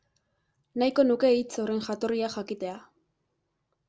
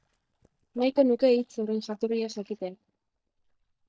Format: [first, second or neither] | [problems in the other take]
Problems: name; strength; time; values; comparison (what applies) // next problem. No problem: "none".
first | noise reduction (neural mask model DeepFilterNet 3)